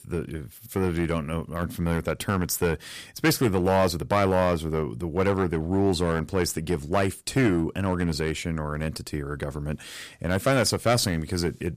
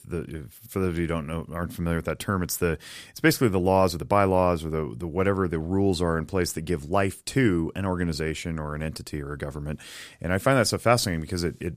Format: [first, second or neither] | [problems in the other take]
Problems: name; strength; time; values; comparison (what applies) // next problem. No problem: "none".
second | distortion; slight; 4% of the sound clipped